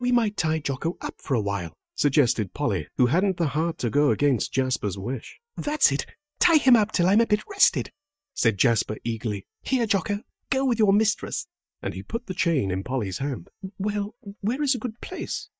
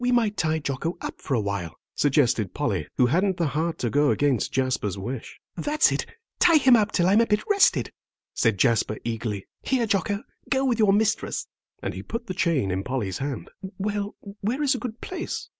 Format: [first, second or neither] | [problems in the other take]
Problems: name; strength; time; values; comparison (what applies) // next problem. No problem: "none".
second | noise reduction (neural mask model DeepFilterNet 3)